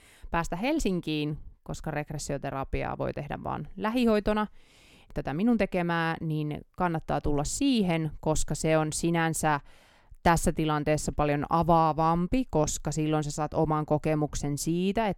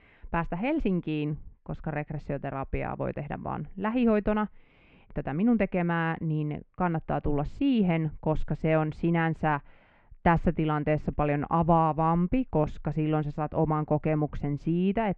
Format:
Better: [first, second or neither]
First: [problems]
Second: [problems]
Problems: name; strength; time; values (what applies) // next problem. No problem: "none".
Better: first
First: none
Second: muffled; very; fading above 2.5 kHz